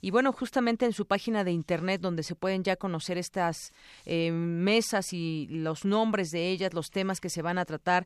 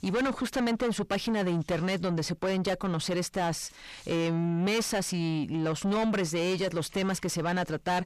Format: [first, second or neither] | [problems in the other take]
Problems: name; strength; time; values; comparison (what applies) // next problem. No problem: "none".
first | distortion; heavy; 6 dB below the speech